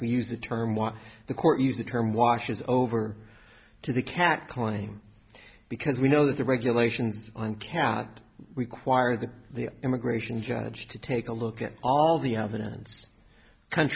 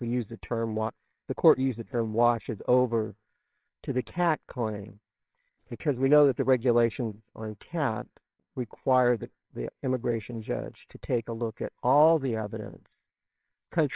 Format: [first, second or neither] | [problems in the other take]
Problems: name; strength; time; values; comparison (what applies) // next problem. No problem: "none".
first | noise reduction (neural separator model SepFormer WHAMR!)